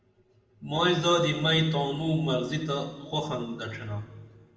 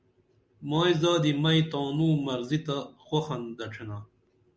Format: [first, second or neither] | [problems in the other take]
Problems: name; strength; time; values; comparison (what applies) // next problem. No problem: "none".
second | room echo; dies away in 2 s